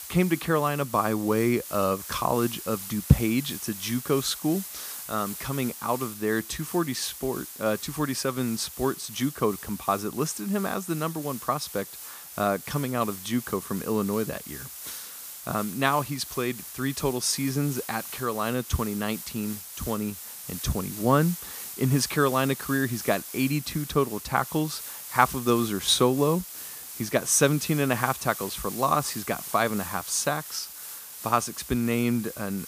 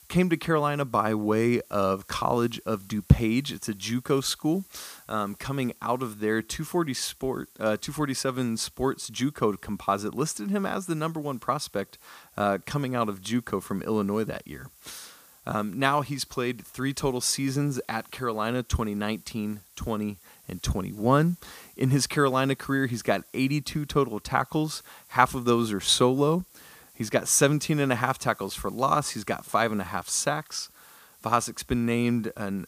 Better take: second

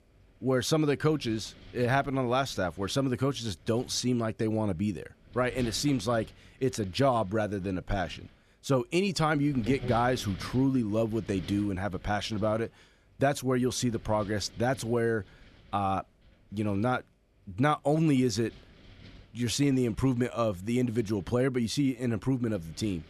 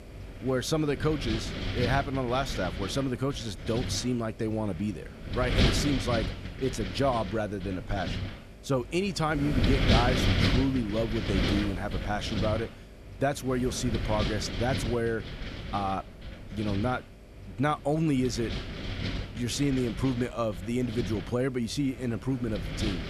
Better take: first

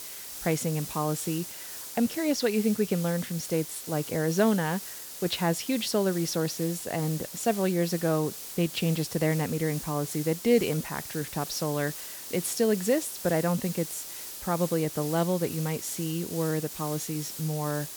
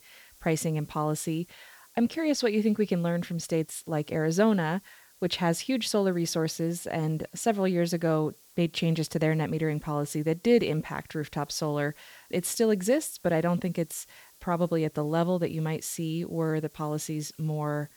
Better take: second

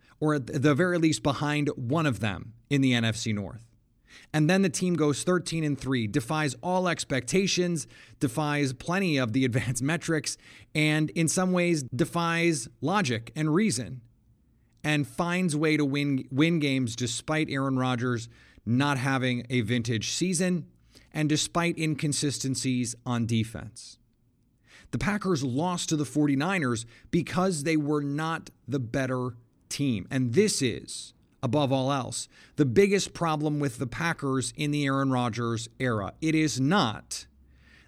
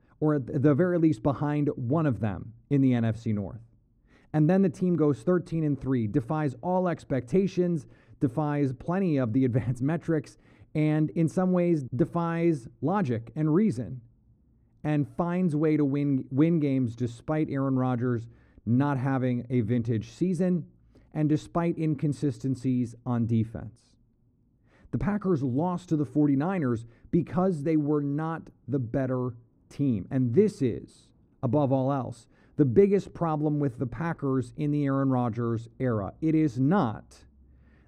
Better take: first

